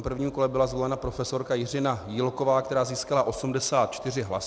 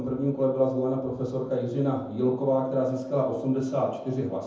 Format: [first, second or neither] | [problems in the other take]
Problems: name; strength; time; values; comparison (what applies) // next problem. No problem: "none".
first | room echo; dies away in 0.7 s